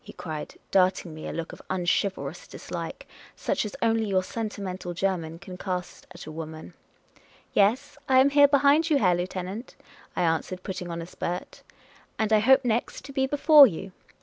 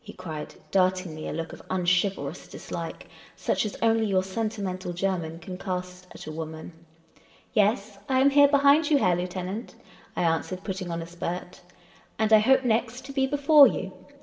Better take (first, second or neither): first